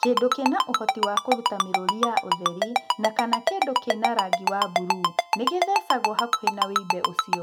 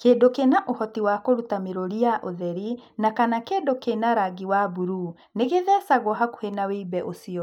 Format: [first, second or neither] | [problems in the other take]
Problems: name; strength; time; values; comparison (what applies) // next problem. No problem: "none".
second | background sound (Ringtone); 3 dB above the speech